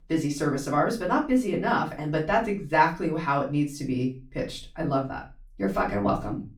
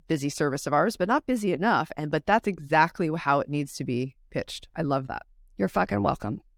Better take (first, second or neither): second